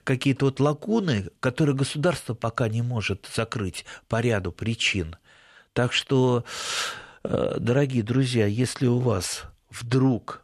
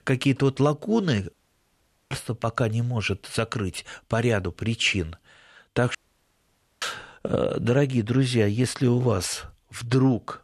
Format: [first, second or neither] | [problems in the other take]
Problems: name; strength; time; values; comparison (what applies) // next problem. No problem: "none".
first | audio cutting out; at 1.5 s for 1 s and at 6 s for 1 s